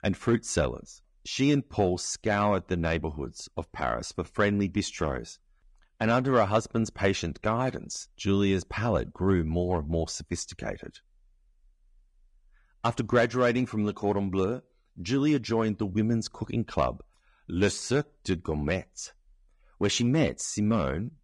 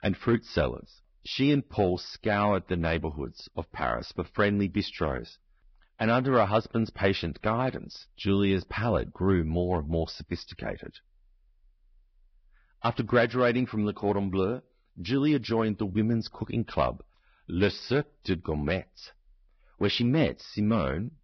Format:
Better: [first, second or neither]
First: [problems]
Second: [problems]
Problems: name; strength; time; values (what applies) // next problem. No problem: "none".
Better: first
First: garbled, watery; slightly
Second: garbled, watery; badly; nothing above 5.5 kHz